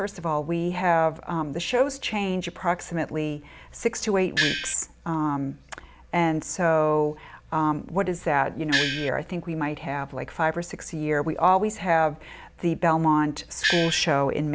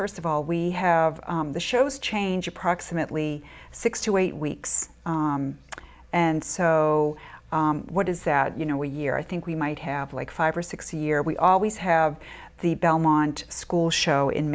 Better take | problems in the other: second | background sound (Gong); as loud as the speech

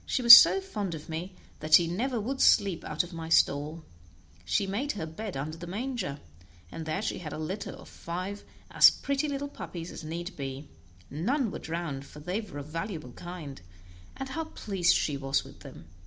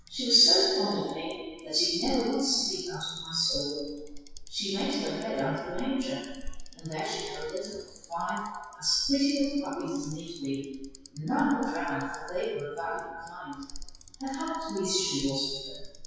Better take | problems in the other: first | noise reduction (classical method WPE with log-MMSE)

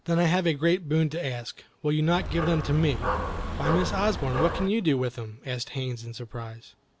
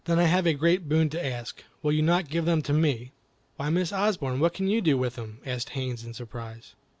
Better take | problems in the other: second | background sound (Dog); 3 dB below the speech

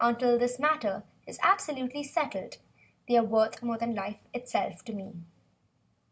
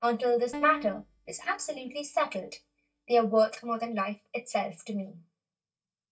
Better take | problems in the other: first | noise reduction (neural mask model DeepFilterNet 3)

